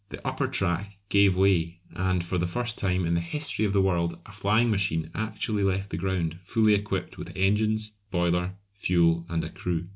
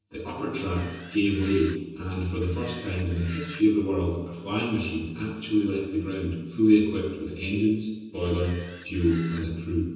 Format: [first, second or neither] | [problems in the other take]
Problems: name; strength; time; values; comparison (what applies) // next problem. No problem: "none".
first | background sound (Camera); 20 dB below the speech // room echo; dies away in 1.1 s